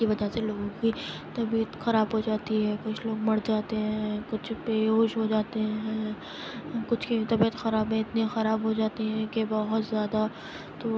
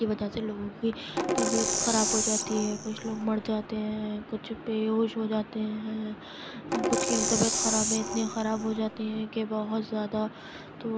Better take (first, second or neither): first